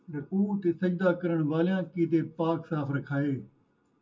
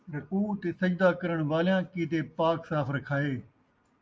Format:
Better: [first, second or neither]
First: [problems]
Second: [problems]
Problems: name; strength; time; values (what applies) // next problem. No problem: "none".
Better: second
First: room echo; dies away in 0.2 s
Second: none